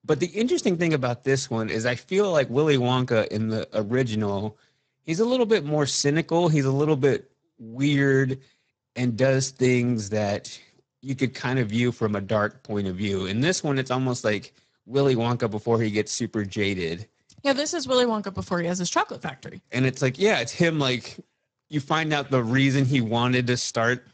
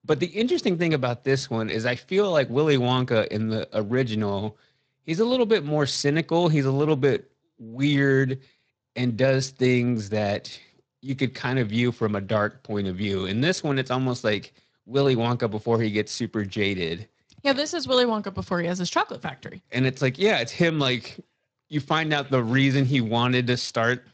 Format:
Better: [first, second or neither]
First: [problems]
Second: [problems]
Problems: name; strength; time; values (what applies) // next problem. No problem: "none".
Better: second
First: garbled, watery; badly; nothing above 7.5 kHz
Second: garbled, watery; slightly; nothing above 7.5 kHz